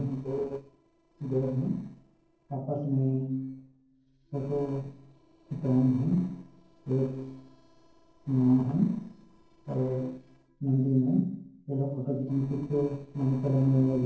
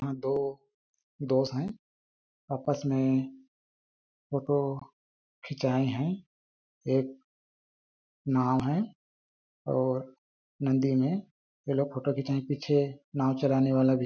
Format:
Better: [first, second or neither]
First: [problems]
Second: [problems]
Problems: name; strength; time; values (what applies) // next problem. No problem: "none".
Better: second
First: noise reduction (neural separator model SepFormer DNS4)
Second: none